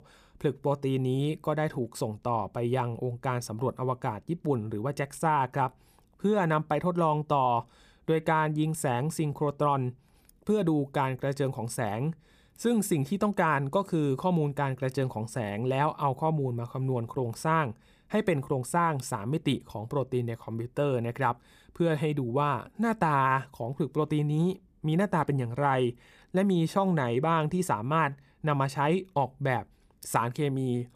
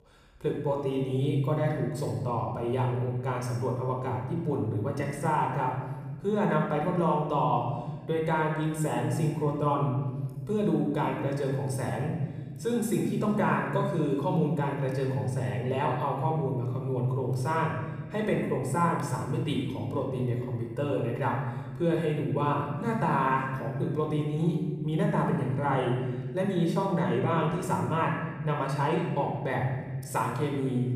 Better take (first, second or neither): first